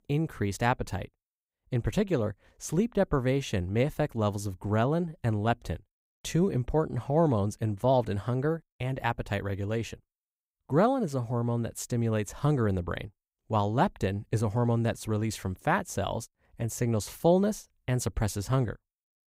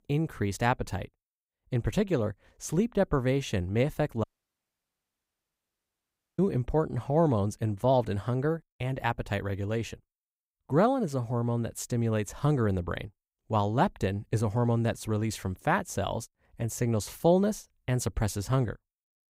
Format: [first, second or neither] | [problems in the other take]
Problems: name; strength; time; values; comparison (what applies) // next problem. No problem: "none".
first | audio cutting out; at 4 s for 2 s